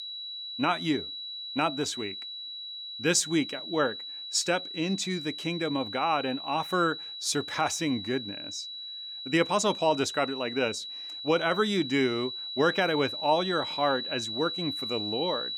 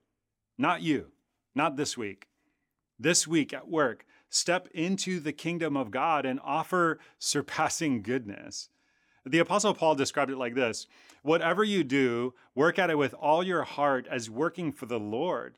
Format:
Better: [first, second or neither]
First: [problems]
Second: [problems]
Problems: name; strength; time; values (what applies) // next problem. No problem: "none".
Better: second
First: high-pitched whine; loud; throughout; 4 kHz, 7 dB below the speech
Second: none